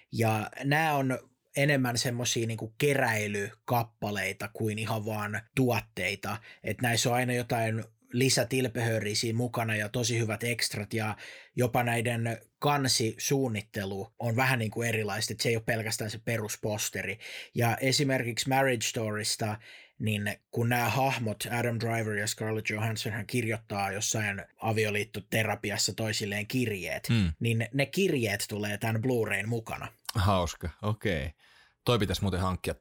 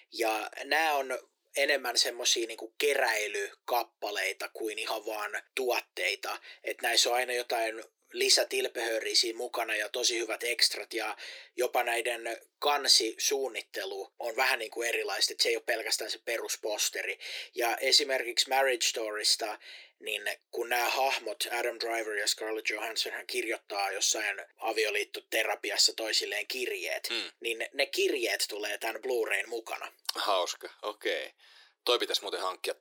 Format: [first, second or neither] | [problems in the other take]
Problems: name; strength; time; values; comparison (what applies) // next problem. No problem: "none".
first | thin; very; fading below 350 Hz